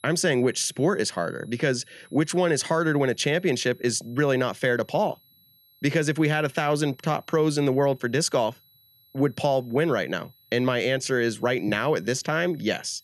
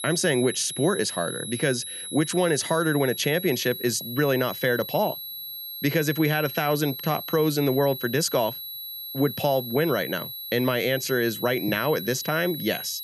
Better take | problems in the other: first | high-pitched whine; loud; throughout; 4 kHz, 8 dB below the speech; faint in the first

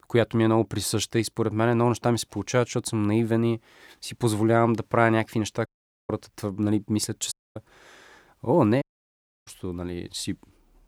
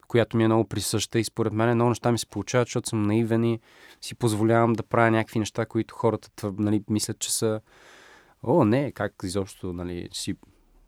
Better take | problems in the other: second | audio cutting out; at 5.5 s, at 7.5 s and at 9 s for 0.5 s

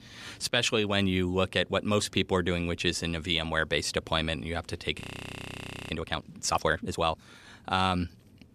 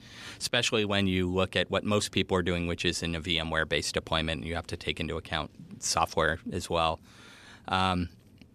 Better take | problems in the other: second | audio freezing; at 5 s for 1 s

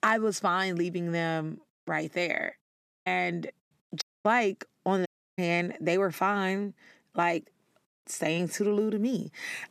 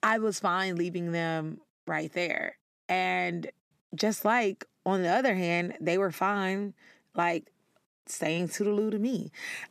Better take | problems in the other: second | audio cutting out; at 3 s, at 4 s and at 5 s

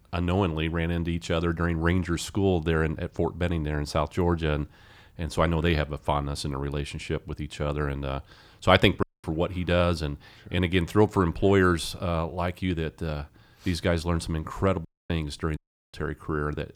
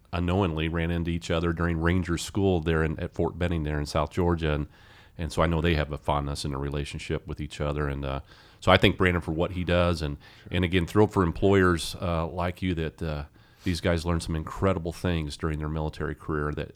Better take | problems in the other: second | audio cutting out; at 9 s, at 15 s and at 16 s

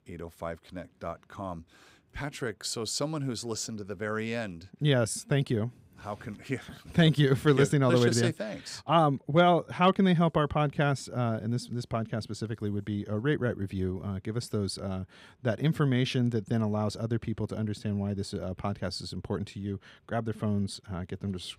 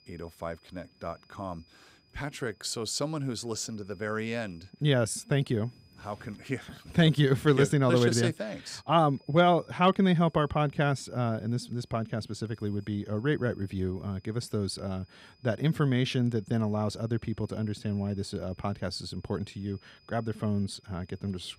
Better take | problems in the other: first | high-pitched whine; faint; throughout; 5 kHz, 35 dB below the speech

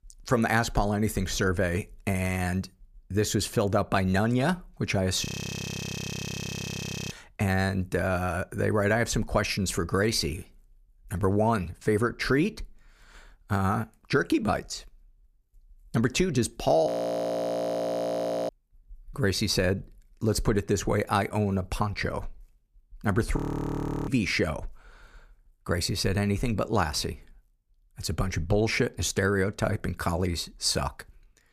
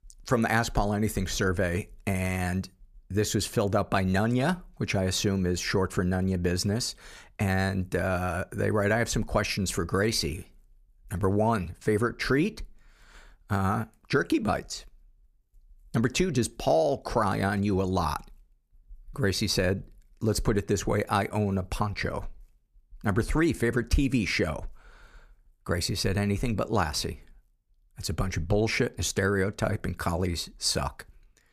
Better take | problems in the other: second | audio freezing; at 5.5 s for 2 s, at 17 s for 1.5 s and at 23 s for 0.5 s

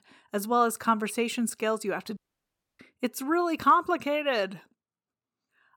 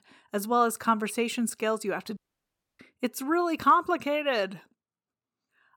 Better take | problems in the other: neither | audio cutting out; at 2 s for 0.5 s; the same in both

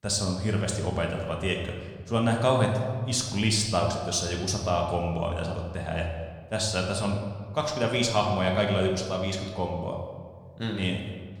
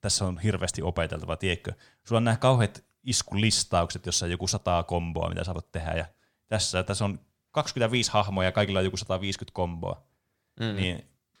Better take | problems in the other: second | room echo; slight; dies away in 1.3 s

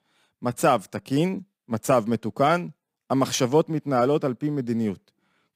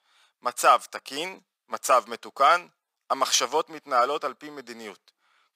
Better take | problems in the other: first | thin; very; fading below 850 Hz

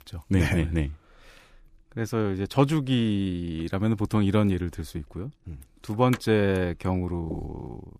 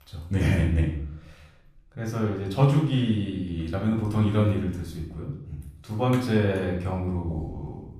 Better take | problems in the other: first | off-mic speech; far // room echo; noticeable; dies away in 0.6 s

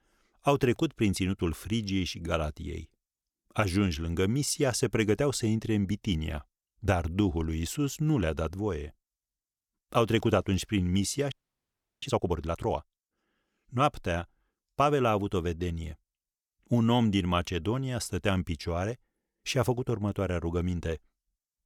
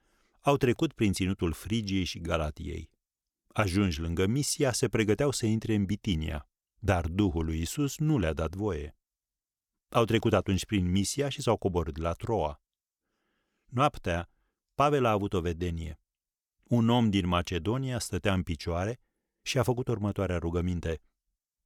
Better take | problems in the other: second | audio freezing; at 11 s for 0.5 s

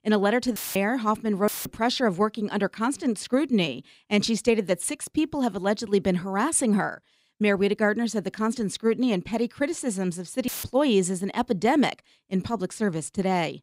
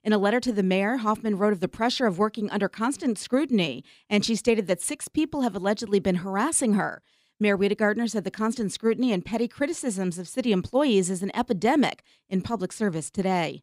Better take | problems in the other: second | audio cutting out; filled with static; at 0.5 s, at 1.5 s and at 10 s

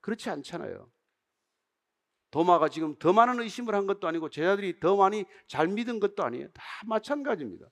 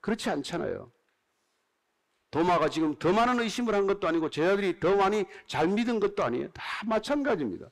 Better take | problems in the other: first | distortion; heavy; 5 dB below the speech

